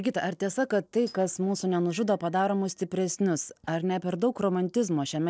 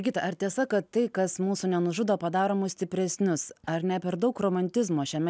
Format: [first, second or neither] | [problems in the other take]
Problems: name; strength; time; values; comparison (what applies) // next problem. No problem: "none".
second | noise reduction (neural separator model SepFormer DNS4)